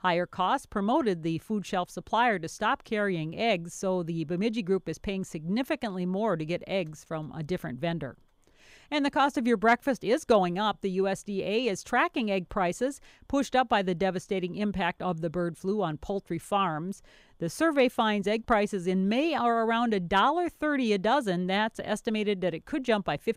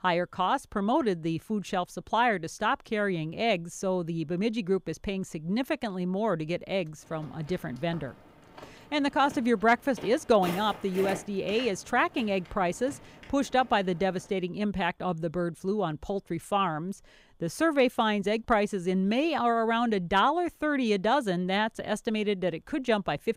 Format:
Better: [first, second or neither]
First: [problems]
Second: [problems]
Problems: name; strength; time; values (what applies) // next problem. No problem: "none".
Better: first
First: none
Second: footsteps; noticeable; from 7 to 14 s; peak 8 dB below the speech